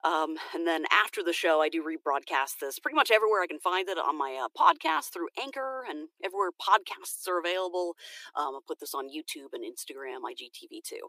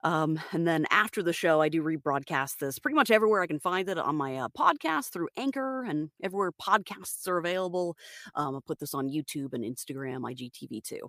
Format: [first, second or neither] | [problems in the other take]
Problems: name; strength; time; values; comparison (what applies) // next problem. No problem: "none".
second | thin; very; fading below 350 Hz